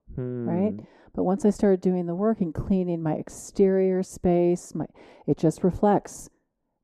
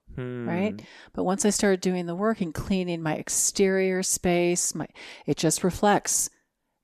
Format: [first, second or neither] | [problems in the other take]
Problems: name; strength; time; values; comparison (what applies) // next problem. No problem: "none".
second | muffled; very; fading above 1.5 kHz